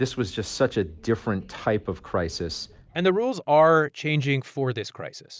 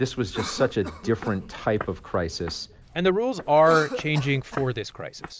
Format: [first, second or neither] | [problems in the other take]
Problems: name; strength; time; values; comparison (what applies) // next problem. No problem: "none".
first | background sound (Walk, footsteps + Cough); 13 dB below the speech